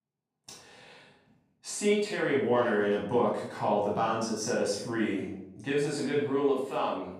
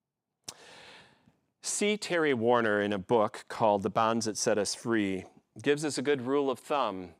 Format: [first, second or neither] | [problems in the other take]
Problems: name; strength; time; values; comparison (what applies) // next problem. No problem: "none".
second | room echo; noticeable; dies away in 0.6 s // off-mic speech; far